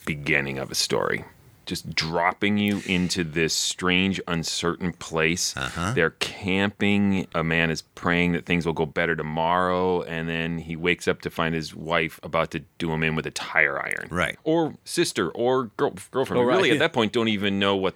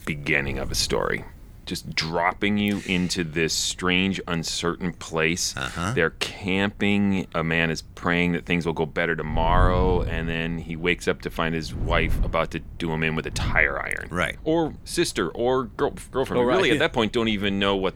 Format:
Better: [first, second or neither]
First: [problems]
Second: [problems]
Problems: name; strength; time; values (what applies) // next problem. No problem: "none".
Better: first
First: none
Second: wind noise on the microphone; occasional gusts; 20 dB below the speech